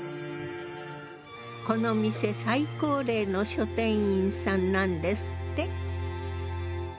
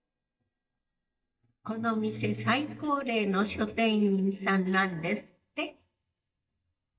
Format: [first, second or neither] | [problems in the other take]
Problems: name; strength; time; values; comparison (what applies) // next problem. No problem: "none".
first | noise reduction (neural mask model DeepFilterNet 3)